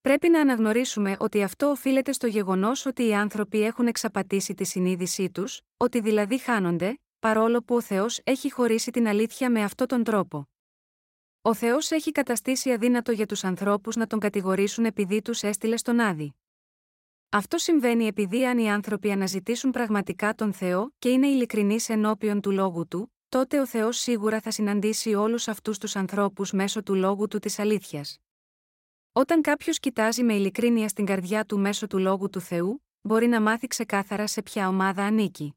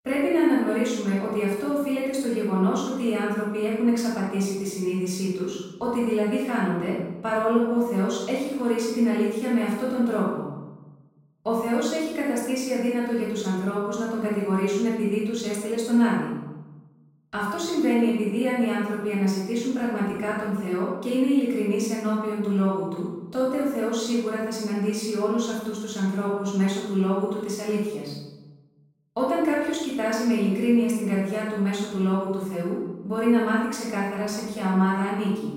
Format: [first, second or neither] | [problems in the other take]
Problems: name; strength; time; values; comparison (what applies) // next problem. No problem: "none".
first | off-mic speech; far // room echo; strong; dies away in 1 s